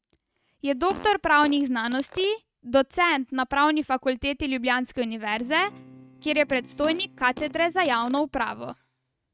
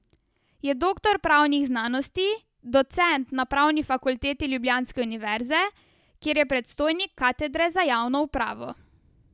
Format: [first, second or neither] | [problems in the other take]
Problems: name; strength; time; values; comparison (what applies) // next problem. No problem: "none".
second | noise reduction (neural mask model RNNoise)